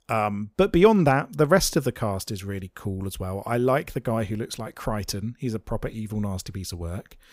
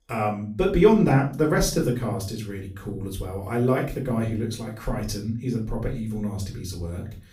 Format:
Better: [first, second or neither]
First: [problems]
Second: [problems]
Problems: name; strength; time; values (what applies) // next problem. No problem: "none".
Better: first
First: none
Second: off-mic speech; far // room echo; slight; dies away in 0.4 s